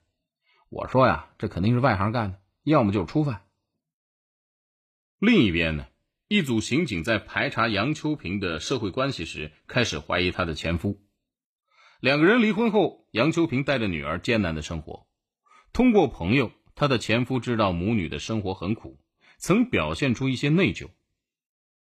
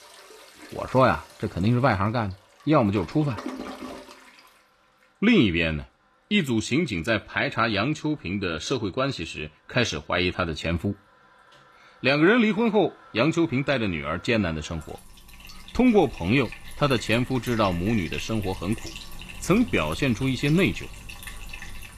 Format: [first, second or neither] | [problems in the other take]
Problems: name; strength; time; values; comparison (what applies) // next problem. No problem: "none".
first | household noises; noticeable; throughout; 20 dB below the speech